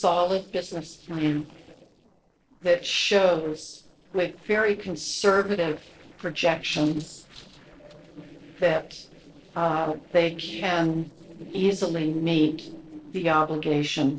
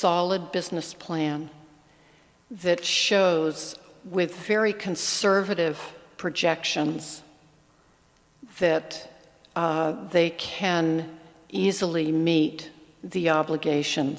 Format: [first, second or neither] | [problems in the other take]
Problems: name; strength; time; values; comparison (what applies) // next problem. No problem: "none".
second | noise reduction (neural separator model SepFormer DNS4)